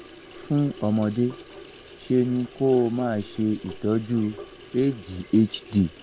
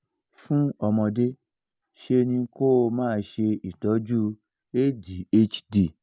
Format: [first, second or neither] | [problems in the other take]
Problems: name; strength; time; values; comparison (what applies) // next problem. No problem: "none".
second | background sound (Sink (filling or washing) / Water tap, faucet); 19 dB below the speech